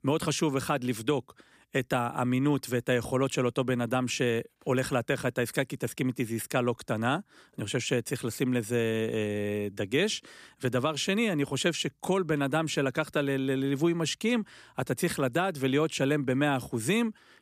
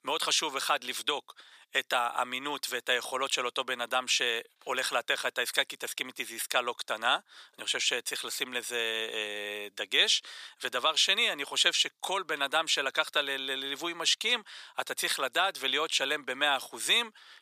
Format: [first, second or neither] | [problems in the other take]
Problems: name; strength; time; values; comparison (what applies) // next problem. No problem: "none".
first | thin; very; fading below 900 Hz